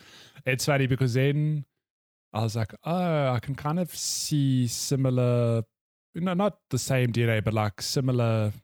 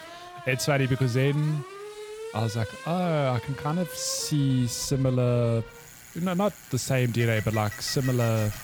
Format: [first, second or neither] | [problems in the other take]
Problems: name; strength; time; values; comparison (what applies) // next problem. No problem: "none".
first | traffic noise; noticeable; throughout; 15 dB below the speech